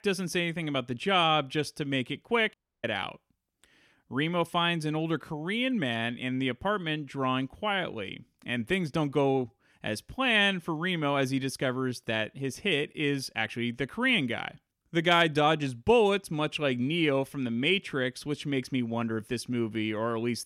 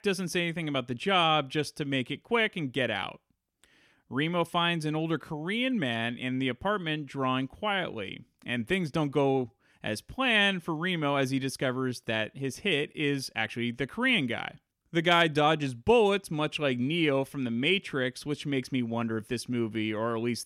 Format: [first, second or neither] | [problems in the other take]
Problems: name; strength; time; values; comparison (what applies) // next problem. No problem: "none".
second | audio cutting out; at 2.5 s